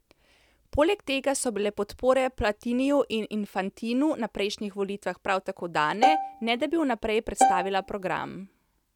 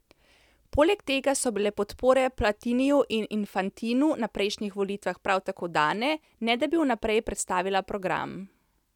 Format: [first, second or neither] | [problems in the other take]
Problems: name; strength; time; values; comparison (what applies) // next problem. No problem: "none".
second | background sound (Bowed string instrument); 1 dB above the speech